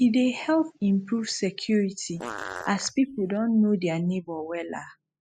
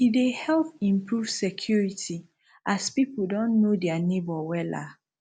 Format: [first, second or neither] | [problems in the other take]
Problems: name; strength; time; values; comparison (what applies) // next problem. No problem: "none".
second | noise reduction (classical method spectral subtraction)